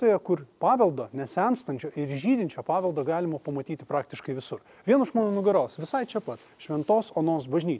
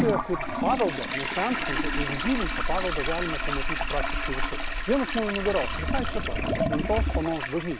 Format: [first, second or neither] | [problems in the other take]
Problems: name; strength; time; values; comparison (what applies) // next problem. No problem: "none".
first | background sound (Rain + Toilet flush); 2 dB above the speech